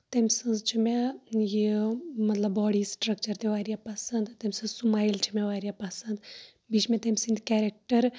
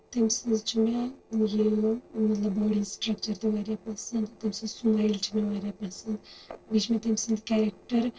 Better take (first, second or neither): first